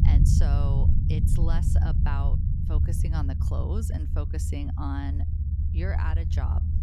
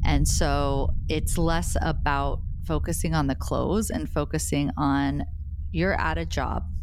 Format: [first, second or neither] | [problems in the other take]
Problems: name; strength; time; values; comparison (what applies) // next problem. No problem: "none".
second | low rumble; loud; throughout; 2 dB below the speech; faint in the second